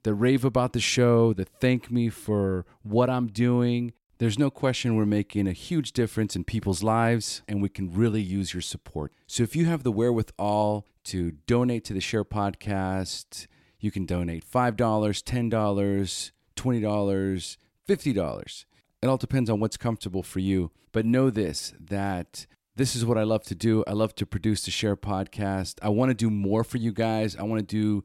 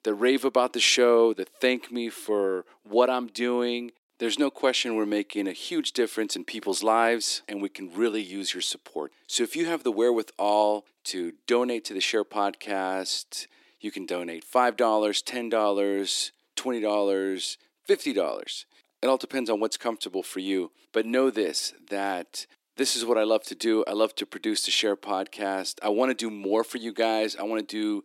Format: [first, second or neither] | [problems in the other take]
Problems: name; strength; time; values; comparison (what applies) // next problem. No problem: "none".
first | thin; somewhat; fading below 300 Hz